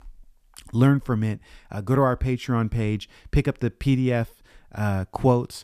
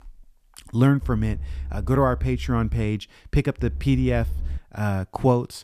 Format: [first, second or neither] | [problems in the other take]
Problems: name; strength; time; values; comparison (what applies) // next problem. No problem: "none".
first | low rumble; faint; from 1 to 3 s and at 3.5 s; 25 dB below the speech